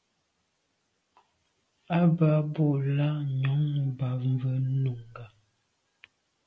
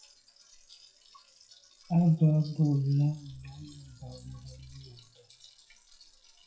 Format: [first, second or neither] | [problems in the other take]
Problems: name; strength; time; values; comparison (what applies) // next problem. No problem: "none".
first | noise reduction (classical method WPE with log-MMSE)